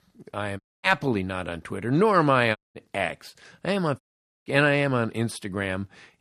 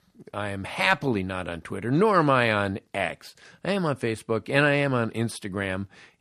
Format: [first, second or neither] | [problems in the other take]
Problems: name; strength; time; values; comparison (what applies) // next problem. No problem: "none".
second | audio cutting out; at 0.5 s, at 2.5 s and at 4 s